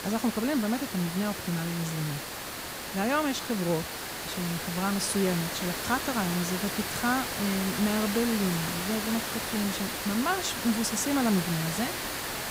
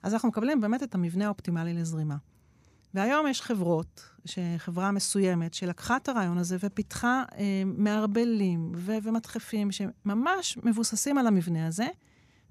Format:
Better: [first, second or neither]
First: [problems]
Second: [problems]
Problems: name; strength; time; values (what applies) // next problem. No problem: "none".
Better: second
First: hiss; loud; throughout; 3 dB below the speech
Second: none